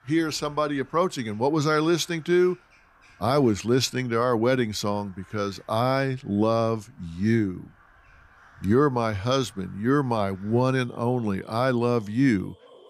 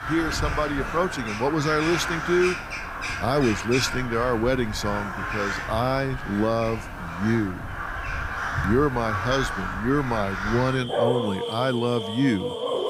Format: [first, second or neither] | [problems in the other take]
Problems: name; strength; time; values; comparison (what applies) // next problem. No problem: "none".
first | animal sounds; loud; throughout; 4 dB below the speech; faint in the first